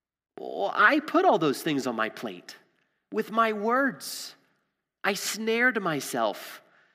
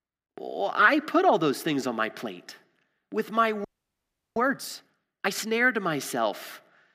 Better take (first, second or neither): first